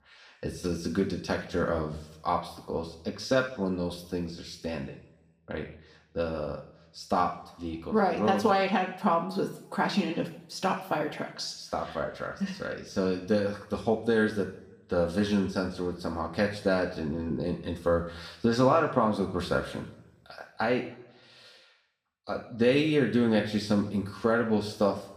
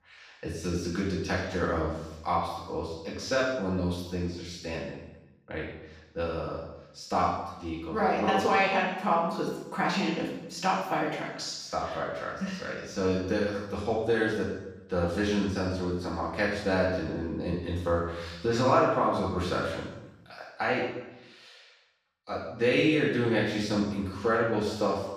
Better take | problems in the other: first | room echo; strong; dies away in 0.9 s; slight in the first // off-mic speech; far; somewhat distant in the first

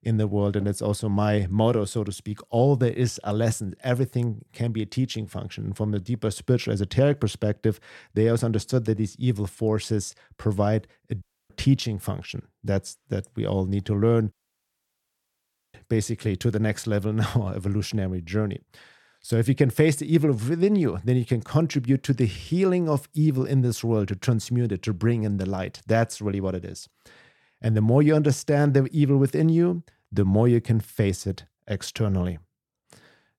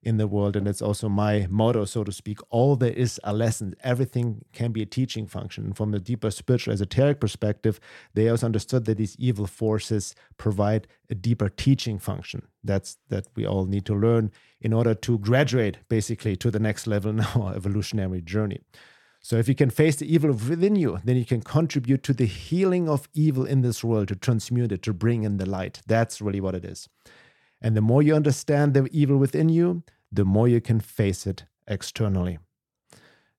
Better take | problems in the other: second | audio cutting out; at 11 s and at 14 s for 1.5 s

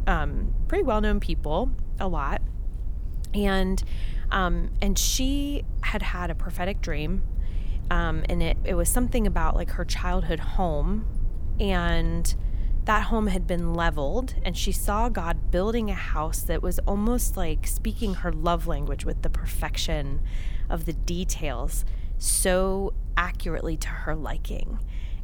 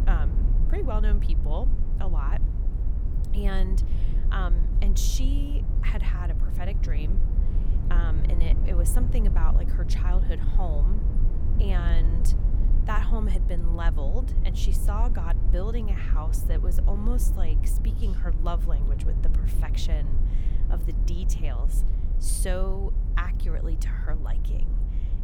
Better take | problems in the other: first | low rumble; loud; throughout; 7 dB below the speech; faint in the first

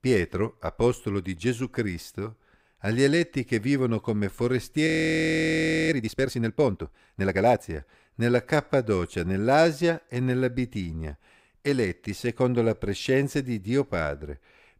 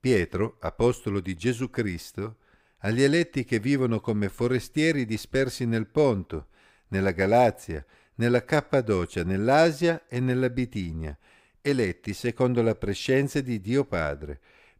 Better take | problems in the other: second | audio freezing; at 5 s for 1 s

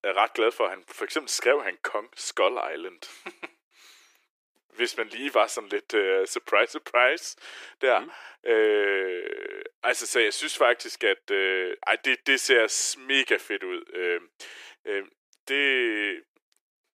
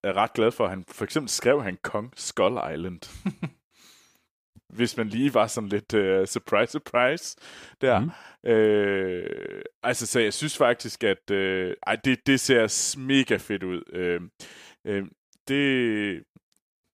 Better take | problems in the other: second | thin; very; fading below 350 Hz

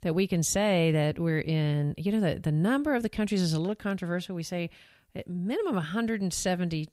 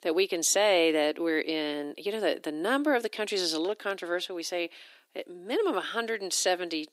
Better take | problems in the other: first | thin; very; fading below 300 Hz

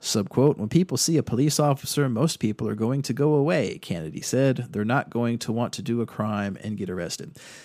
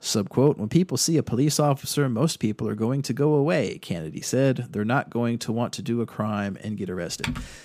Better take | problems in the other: first | keyboard typing; noticeable; at 7 s; peak 7 dB below the speech

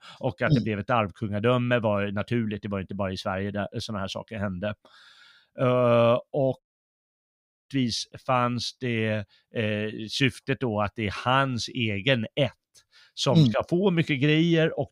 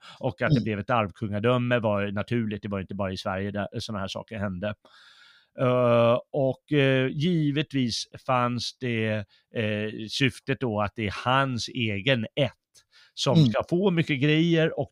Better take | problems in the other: second | audio cutting out; at 6.5 s for 1 s

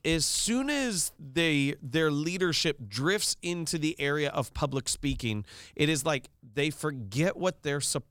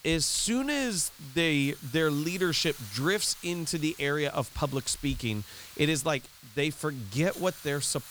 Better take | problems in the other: first | hiss; noticeable; throughout; 15 dB below the speech

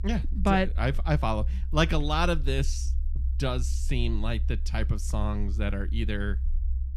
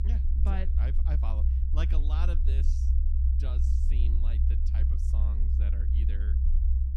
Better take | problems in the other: first | low rumble; loud; throughout; 1 dB below the speech; faint in the first

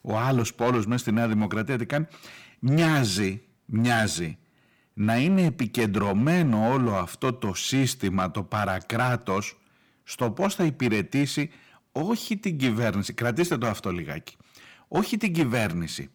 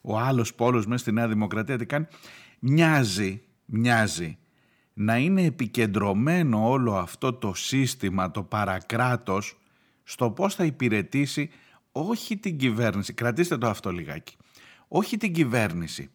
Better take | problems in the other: second | distortion; slight; 5% of the sound clipped

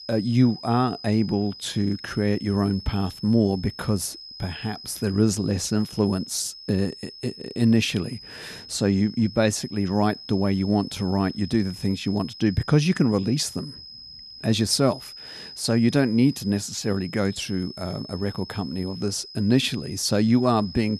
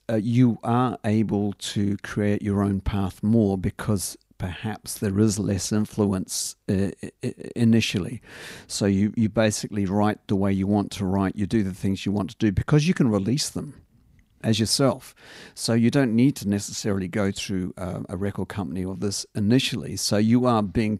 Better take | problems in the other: second | high-pitched whine; noticeable; throughout; 5 kHz, 15 dB below the speech

